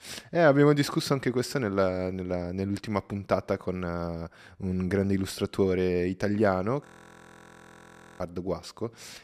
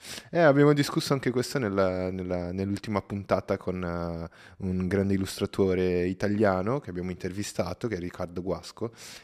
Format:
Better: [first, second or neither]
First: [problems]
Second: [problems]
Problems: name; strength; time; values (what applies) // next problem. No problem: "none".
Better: second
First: audio freezing; at 7 s for 1.5 s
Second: none